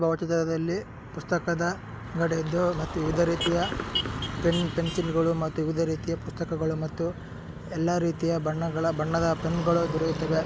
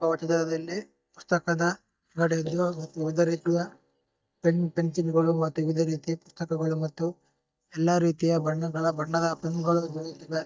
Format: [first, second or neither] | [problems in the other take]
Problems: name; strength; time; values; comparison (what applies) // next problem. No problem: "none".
first | noise reduction (neural mask model DeepFilterNet 3)